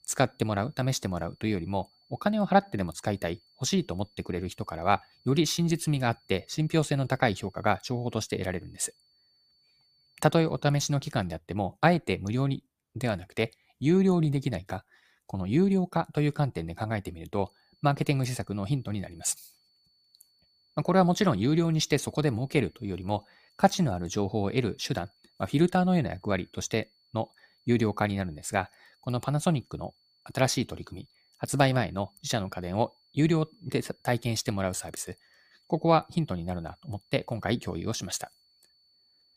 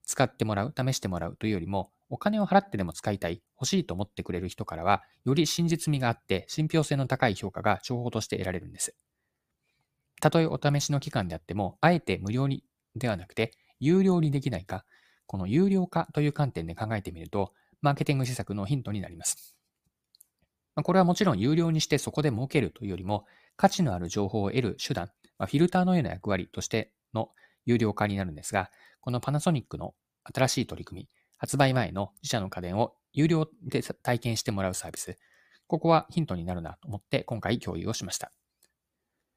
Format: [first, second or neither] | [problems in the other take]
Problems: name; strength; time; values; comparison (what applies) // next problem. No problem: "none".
second | high-pitched whine; faint; until 11 s and from 17 s on; 4.5 kHz, 35 dB below the speech